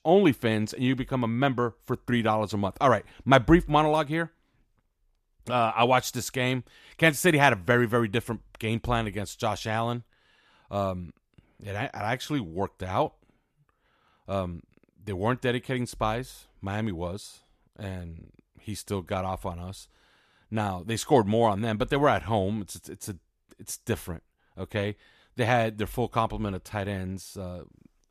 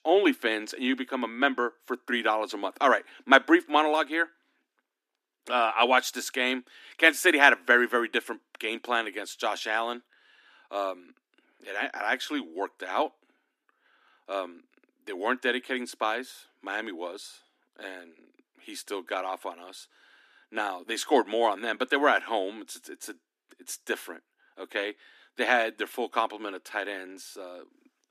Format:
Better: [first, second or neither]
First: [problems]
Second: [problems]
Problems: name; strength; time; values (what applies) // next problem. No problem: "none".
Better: first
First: none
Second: thin; somewhat; fading below 250 Hz